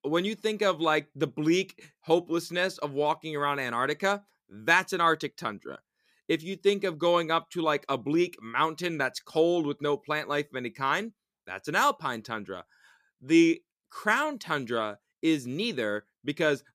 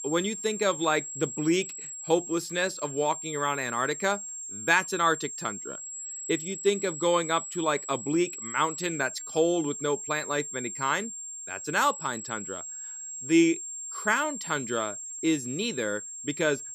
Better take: first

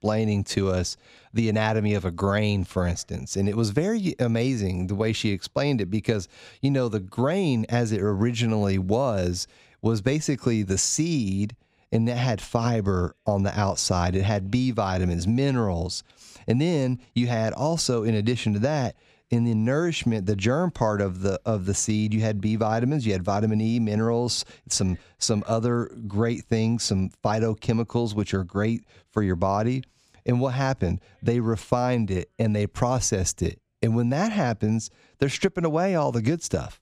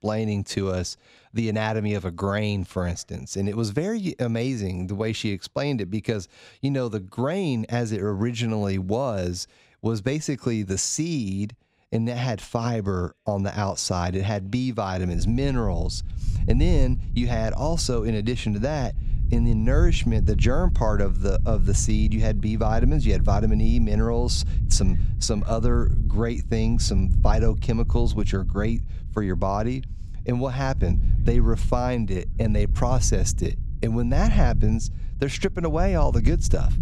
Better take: first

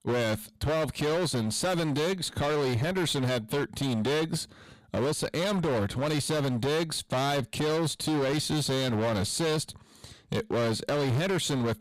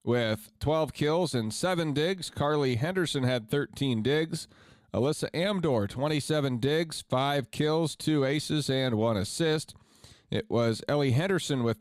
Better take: second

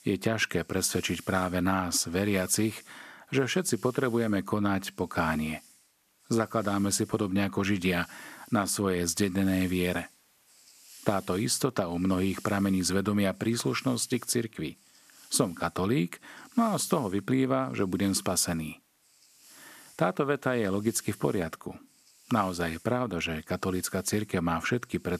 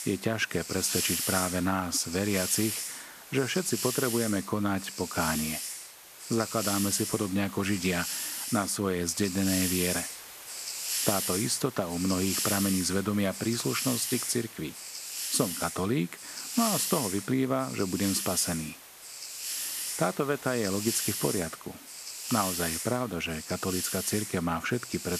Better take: first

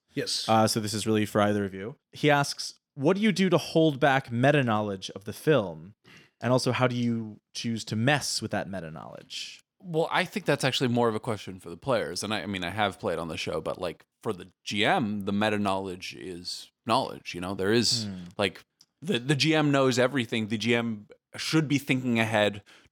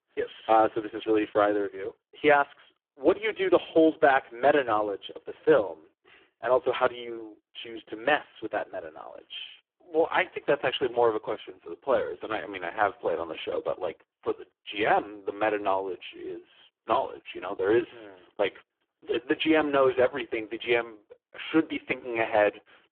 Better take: first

